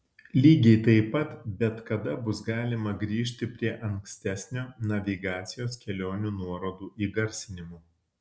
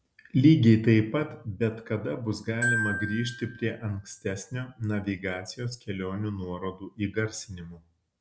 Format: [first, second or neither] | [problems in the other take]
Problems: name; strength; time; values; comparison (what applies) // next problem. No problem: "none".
first | background sound (Glockenspiel); 8 dB below the speech